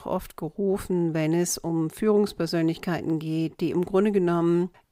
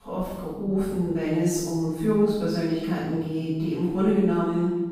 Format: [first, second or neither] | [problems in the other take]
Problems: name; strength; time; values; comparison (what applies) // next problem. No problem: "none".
first | room echo; strong; dies away in 1.1 s // off-mic speech; far